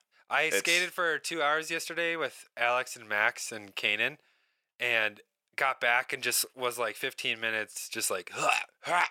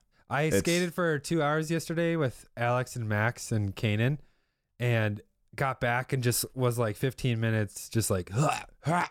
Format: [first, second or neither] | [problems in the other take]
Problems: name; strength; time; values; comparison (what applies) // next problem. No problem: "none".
second | thin; very; fading below 600 Hz